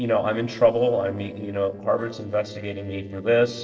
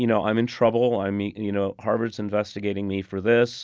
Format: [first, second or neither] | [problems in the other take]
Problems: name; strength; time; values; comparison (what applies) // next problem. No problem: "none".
second | noise reduction (neural separator model SepFormer DNS4)